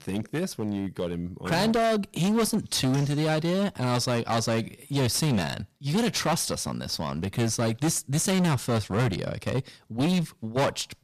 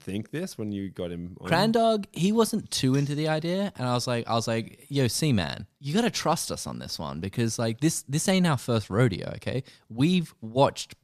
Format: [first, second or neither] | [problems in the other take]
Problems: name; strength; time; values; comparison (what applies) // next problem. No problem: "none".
second | distortion; heavy; 17% of the sound clipped